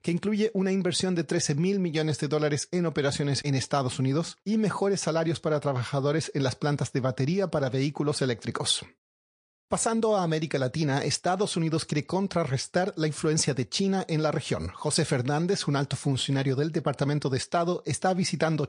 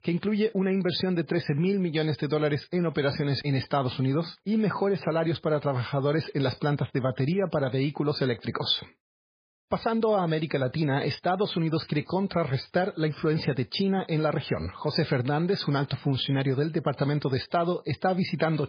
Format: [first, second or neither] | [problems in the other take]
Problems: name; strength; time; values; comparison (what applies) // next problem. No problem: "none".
first | garbled, watery; badly; nothing above 5 kHz; slightly in the first